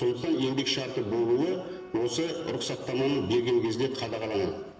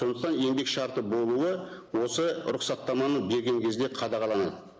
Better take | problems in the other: second | background sound (Wind instrument, woodwind instrument); 19 dB below the speech // room echo; dies away in 1.9 s

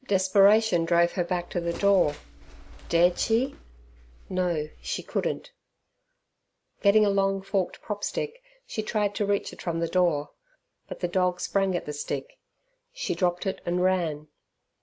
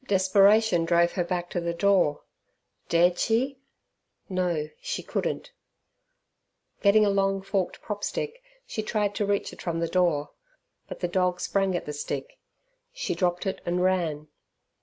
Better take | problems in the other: second | background sound (Bird); 18 dB below the speech

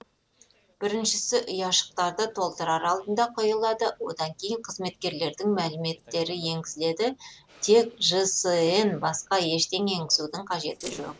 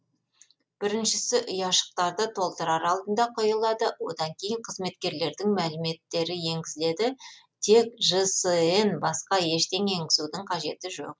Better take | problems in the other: second | noise reduction (neural separator model SepFormer DNS4)

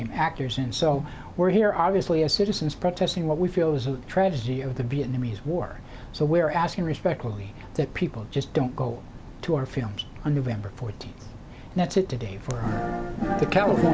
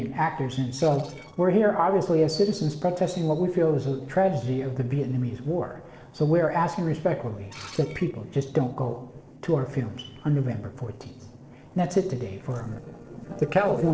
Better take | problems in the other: first | noise reduction (neural separator model SepFormer DNS4)

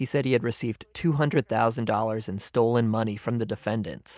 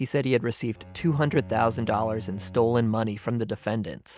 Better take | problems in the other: first | background sound (Bowed string instrument); 17 dB below the speech

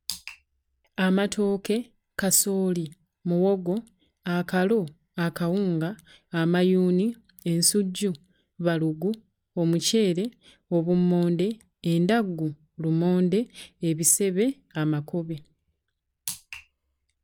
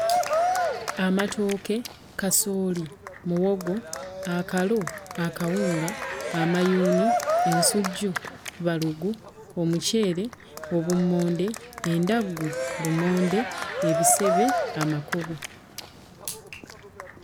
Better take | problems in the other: first | background sound (Cheering); 3 dB below the speech

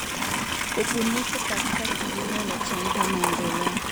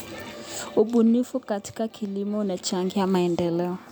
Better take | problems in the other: second | background sound (Livestock, farm animals, working animals); 5 dB above the speech

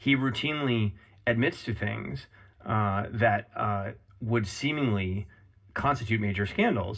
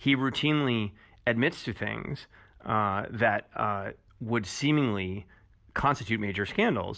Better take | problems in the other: second | room echo; dies away in 0.4 s

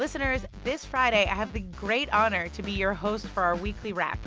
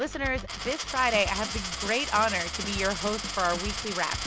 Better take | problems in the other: first | background sound (Coin (dropping)); 6 dB below the speech

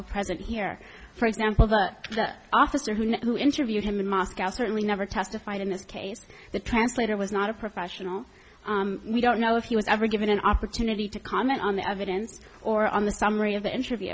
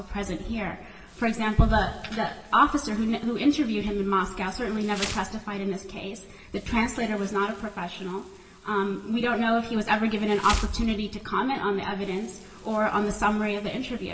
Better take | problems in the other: first | background sound (Insect); 19 dB below the speech // room echo; dies away in 1 s

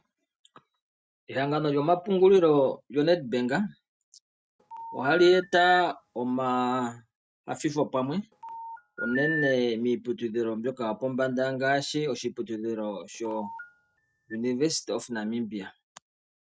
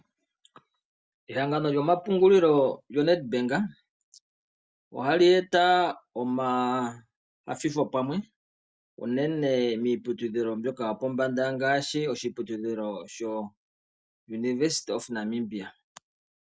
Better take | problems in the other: second | noise reduction (neural mask model RNNoise)

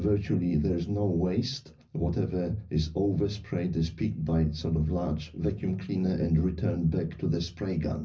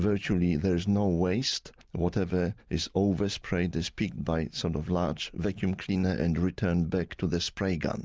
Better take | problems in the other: second | room echo; dies away in 0.4 s

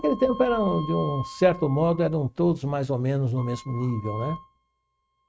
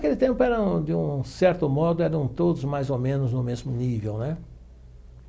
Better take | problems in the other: second | noise reduction (neural mask model RNNoise)

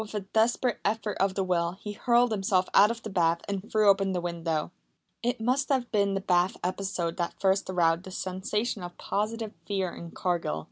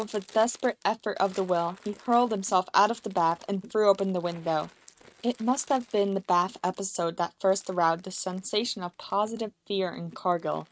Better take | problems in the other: first | noise reduction (neural mask model RNNoise)

